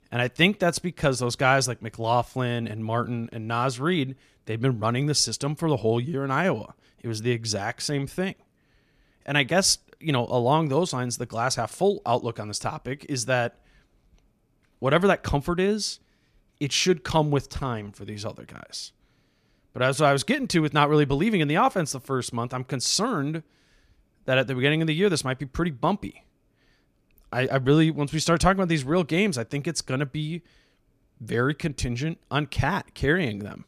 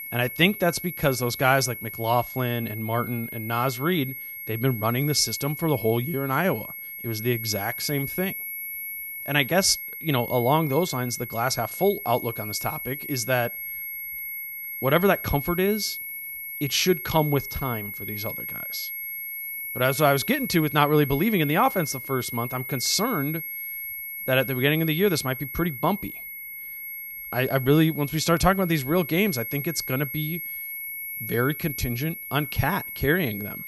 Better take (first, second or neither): first